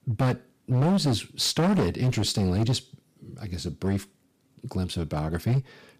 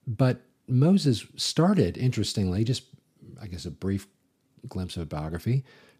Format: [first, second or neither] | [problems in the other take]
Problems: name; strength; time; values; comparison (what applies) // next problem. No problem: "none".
second | distortion; heavy; 12% of the sound clipped